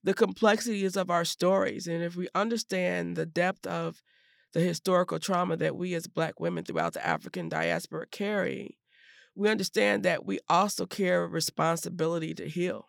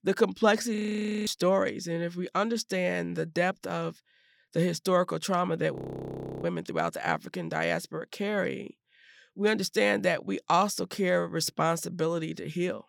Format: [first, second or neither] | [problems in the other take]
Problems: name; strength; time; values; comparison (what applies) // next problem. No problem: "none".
first | audio freezing; at 1 s for 0.5 s and at 6 s for 0.5 s